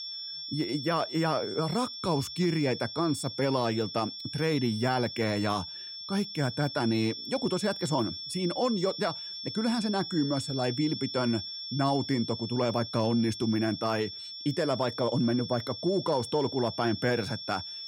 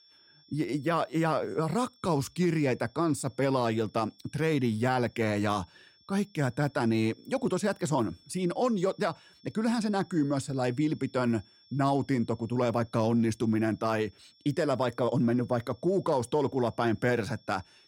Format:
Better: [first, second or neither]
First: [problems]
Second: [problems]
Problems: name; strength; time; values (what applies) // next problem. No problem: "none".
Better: second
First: high-pitched whine; loud; throughout; 5.5 kHz, 7 dB below the speech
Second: high-pitched whine; faint; throughout; 5.5 kHz, 30 dB below the speech